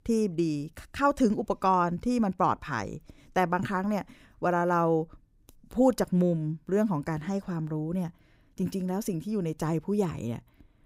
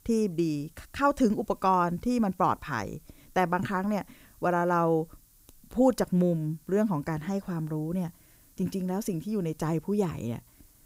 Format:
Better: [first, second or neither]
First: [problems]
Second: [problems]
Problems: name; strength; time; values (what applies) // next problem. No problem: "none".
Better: first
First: none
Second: hiss; faint; throughout; 30 dB below the speech